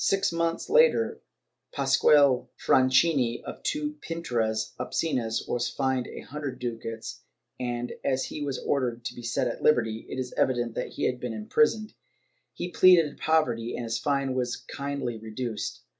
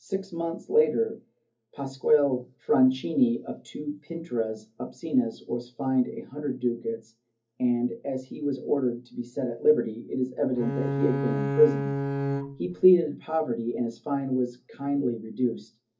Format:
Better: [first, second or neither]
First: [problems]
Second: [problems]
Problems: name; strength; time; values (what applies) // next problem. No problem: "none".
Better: first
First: none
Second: background sound (Bowed string instrument); 2 dB below the speech // room echo; dies away in 0.3 s